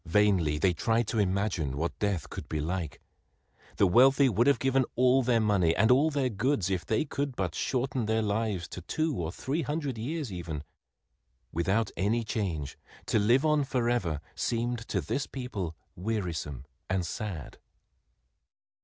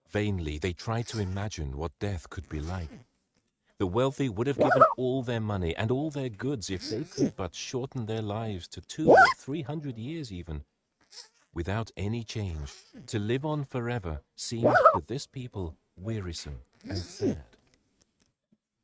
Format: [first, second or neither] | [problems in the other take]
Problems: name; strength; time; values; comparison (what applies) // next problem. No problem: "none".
first | noise reduction (neural mask model RNNoise)